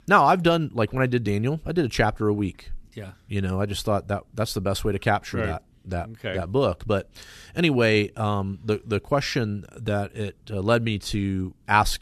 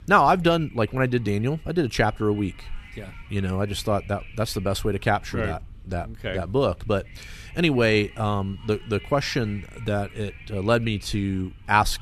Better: first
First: none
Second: wind noise on the microphone; occasional gusts; 20 dB below the speech

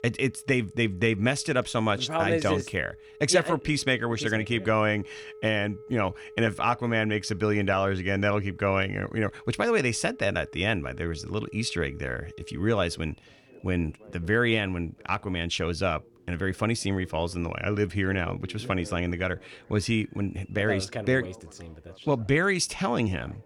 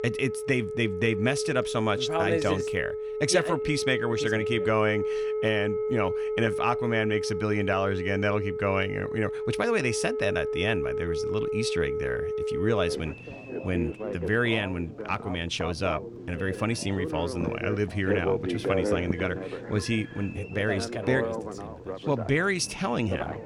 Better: first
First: alarms or sirens; faint; throughout; 20 dB below the speech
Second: alarms or sirens; loud; throughout; 3 dB below the speech

